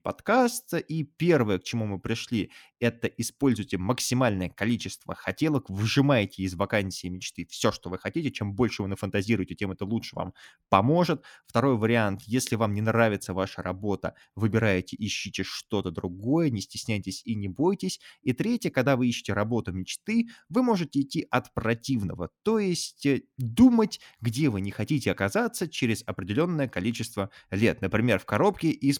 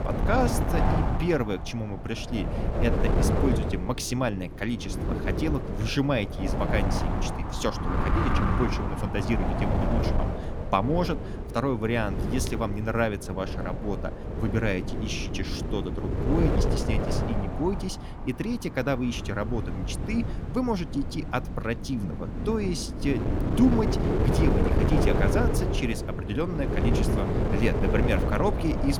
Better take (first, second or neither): first